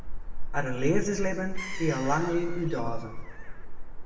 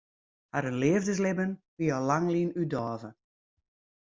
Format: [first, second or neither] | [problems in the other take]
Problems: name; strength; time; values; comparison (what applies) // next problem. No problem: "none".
second | background sound (Gull, seagull / Fowl); 1 dB above the speech // room echo; dies away in 1.2 s